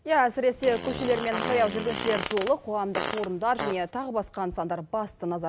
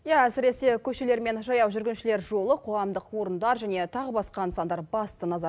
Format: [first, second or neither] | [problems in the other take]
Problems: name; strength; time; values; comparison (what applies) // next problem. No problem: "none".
second | background sound (Fart); 7 dB below the speech